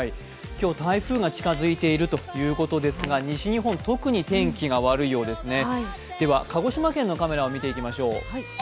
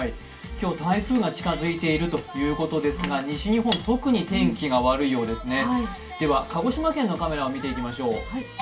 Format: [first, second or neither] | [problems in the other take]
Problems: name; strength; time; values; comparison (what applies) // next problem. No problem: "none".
first | background sound (Cutlery, silverware); 9 dB below the speech // room echo; dies away in 0.2 s